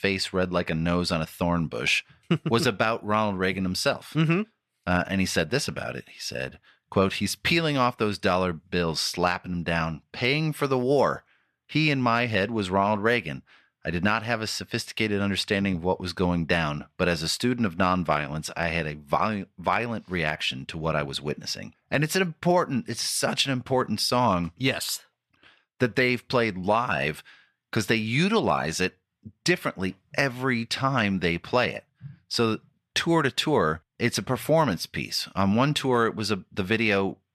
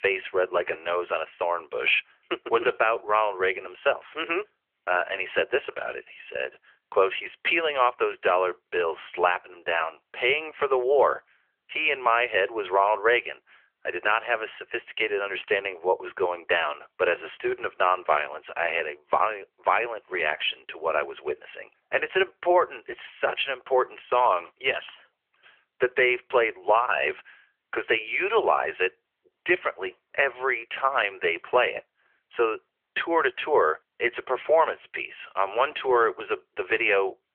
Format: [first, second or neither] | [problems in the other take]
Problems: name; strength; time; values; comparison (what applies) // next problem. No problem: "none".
first | phone-call audio